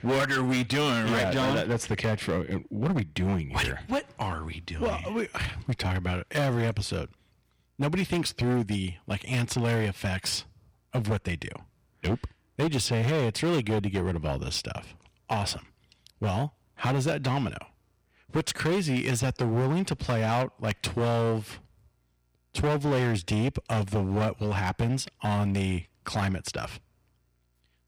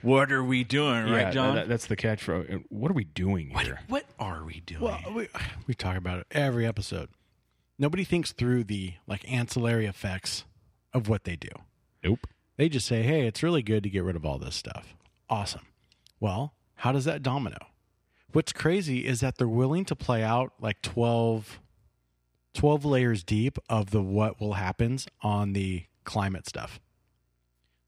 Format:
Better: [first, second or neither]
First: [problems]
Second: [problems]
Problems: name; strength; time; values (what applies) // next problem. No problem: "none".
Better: second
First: distortion; heavy; 13% of the sound clipped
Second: none